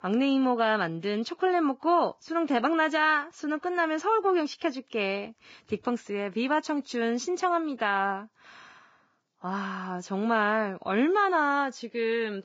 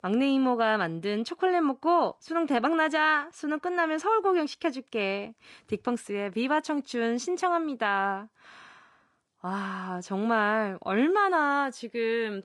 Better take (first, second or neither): second